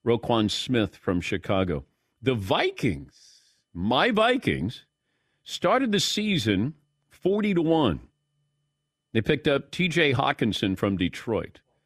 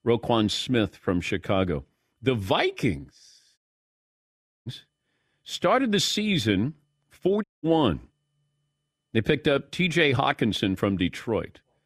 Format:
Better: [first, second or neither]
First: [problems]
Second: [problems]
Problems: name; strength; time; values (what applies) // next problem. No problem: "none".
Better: first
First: none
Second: audio cutting out; at 3.5 s for 1 s and at 7.5 s